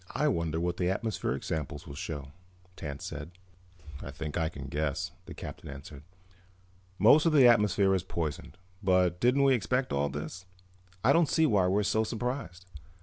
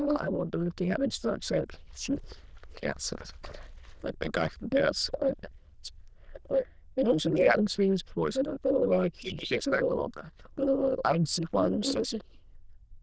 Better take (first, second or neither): first